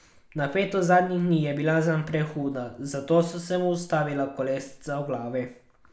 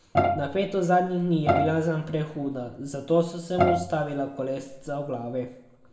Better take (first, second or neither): first